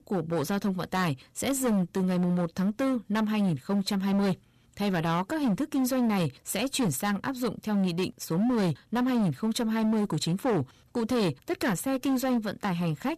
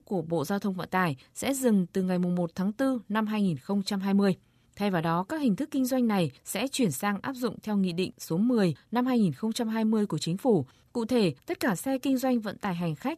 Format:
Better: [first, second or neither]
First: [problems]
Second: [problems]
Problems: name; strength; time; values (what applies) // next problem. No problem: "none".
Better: second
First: distortion; slight; 17% of the sound clipped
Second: none